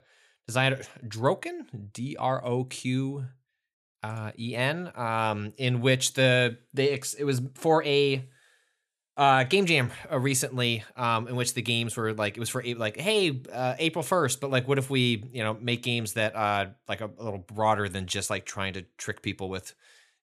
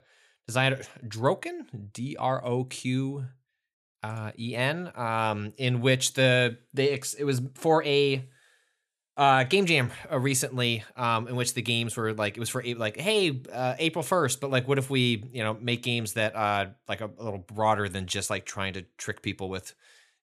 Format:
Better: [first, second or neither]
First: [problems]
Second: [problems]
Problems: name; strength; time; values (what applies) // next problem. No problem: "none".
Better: neither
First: none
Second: none